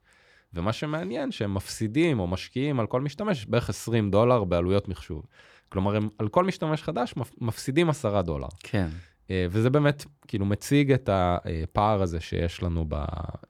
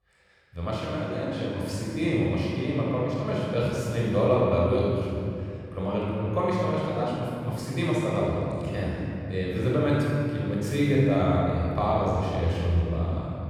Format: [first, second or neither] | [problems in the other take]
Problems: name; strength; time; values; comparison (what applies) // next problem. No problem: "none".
first | off-mic speech; far // room echo; strong; dies away in 2.5 s